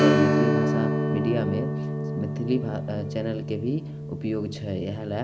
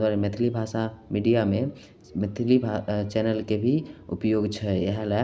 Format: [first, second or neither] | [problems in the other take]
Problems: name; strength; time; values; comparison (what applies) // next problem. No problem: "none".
second | background sound (Strum); 4 dB above the speech